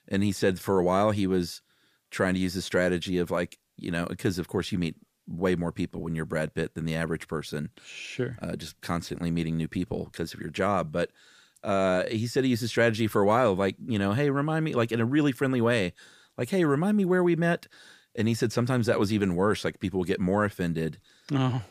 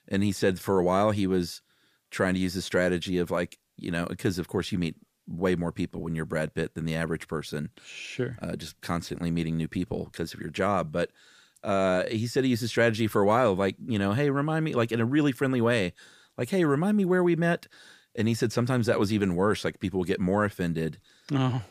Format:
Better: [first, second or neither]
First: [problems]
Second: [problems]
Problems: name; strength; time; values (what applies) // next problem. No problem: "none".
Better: neither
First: none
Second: none